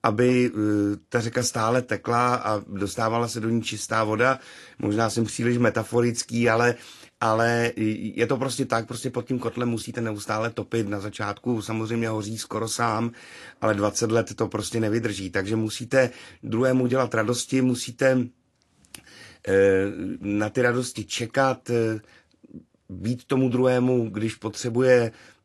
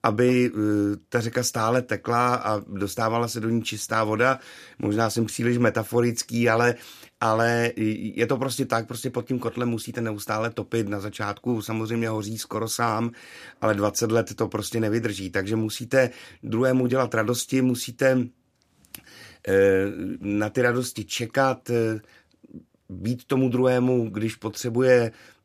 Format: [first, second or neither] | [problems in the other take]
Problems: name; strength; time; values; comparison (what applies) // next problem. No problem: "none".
second | garbled, watery; slightly; nothing above 11.5 kHz